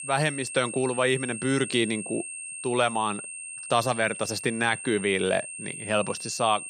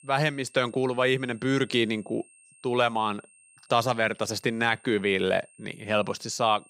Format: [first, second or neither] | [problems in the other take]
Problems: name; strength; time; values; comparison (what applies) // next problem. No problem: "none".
second | high-pitched whine; loud; throughout; 8.5 kHz, 8 dB below the speech; faint in the second